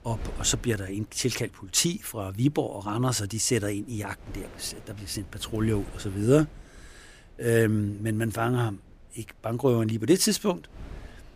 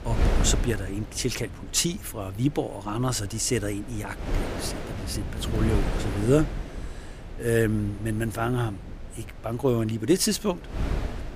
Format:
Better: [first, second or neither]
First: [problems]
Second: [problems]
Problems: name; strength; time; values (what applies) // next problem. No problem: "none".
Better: first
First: wind noise on the microphone; occasional gusts; 25 dB below the speech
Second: wind noise on the microphone; heavy; 9 dB below the speech